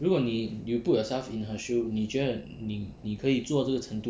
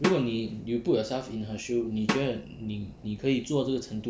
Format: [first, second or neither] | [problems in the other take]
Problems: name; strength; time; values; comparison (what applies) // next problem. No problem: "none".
first | background sound (Drum); 7 dB below the speech